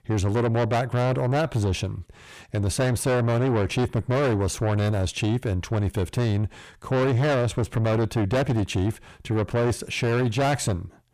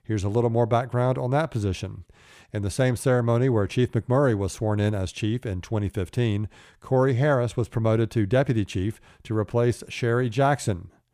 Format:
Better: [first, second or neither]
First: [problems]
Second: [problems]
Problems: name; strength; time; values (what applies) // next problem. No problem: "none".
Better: second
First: distortion; heavy; 7 dB below the speech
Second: none